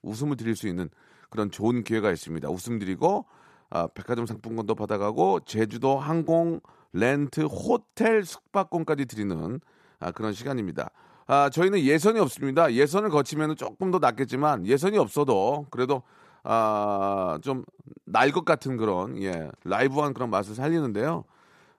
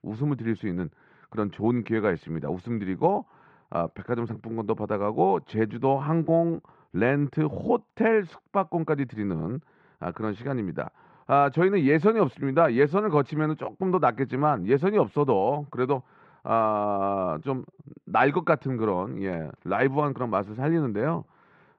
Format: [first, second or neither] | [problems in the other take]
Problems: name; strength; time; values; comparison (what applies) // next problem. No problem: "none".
first | muffled; very; fading above 2.5 kHz